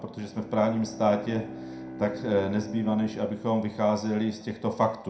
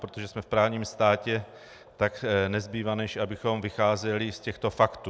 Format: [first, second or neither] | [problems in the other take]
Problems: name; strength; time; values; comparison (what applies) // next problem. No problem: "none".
second | background sound (Bowed string instrument); 15 dB below the speech // room echo; dies away in 0.4 s